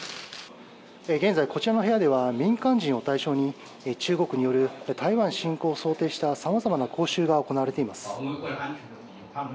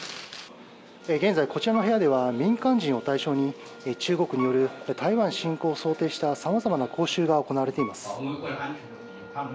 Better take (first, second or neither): first